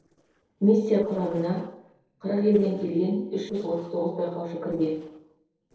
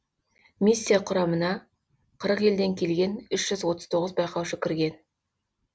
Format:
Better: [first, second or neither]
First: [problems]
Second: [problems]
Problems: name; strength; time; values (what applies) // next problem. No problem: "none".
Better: second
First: noise reduction (neural separator model SepFormer DNS4)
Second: none